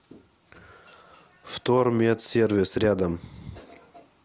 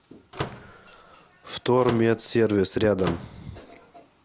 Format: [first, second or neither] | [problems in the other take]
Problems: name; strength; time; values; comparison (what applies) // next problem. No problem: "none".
first | background sound (Slam / Microwave oven); 12 dB below the speech